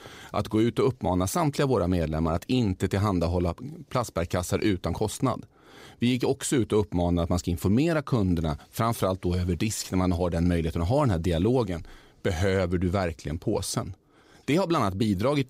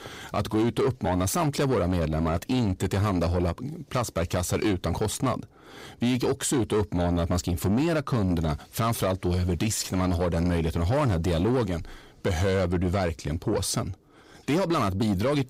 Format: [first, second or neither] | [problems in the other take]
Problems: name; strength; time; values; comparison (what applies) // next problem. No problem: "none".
first | distortion; slight; 10 dB below the speech